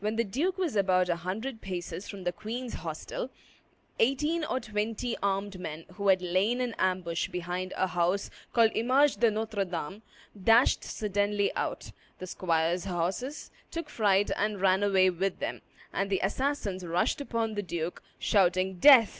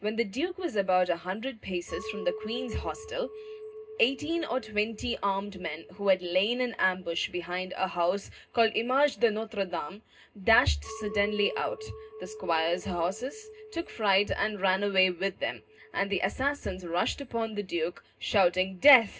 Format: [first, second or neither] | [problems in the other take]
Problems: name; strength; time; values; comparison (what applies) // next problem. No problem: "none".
first | background sound (Chink, clink); 17 dB below the speech // room echo; dies away in 0.2 s